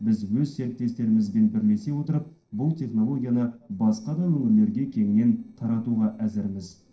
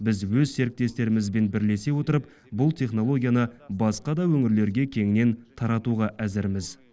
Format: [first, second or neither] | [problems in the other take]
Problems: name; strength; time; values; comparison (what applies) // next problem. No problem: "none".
second | noise reduction (neural separator model SepFormer DNS4)